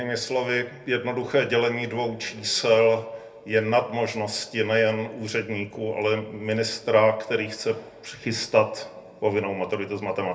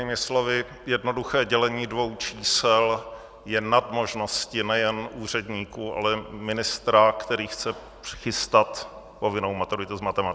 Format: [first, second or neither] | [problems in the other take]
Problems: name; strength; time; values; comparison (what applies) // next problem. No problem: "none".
second | room echo; dies away in 0.3 s